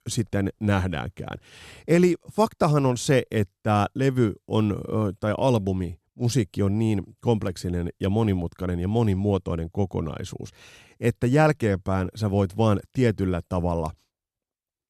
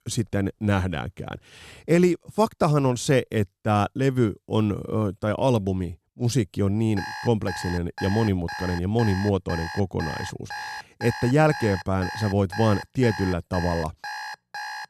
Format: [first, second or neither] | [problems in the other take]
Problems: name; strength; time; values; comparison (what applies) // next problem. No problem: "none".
first | alarm; noticeable; from 7 s on; peak 9 dB below the speech